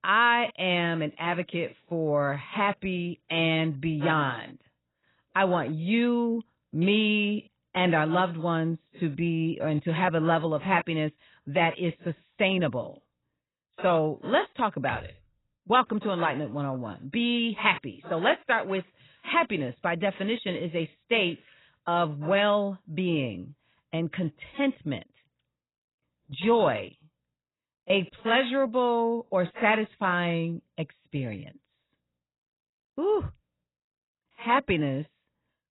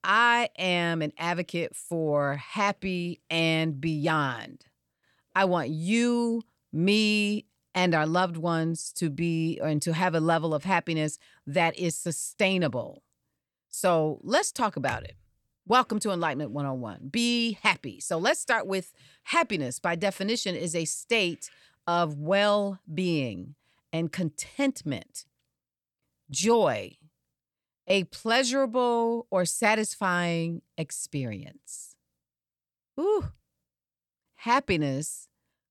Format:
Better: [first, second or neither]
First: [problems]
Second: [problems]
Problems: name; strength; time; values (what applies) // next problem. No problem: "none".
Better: second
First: garbled, watery; badly; nothing above 4 kHz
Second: none